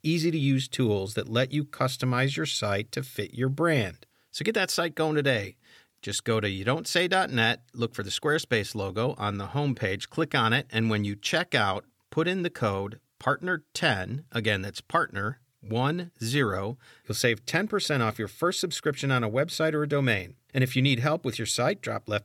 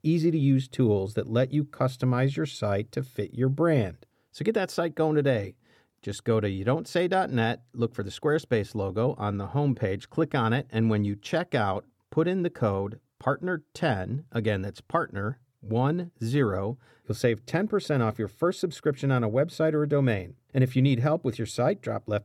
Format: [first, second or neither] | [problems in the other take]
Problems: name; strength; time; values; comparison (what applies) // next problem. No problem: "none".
first | muffled; slightly; fading above 1.5 kHz